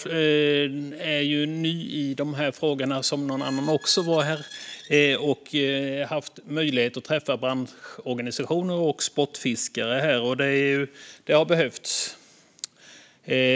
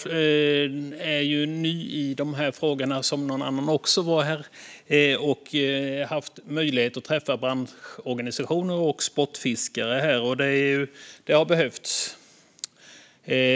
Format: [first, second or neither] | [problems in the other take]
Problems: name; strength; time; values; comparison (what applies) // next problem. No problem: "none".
second | background sound (Squeak); 19 dB below the speech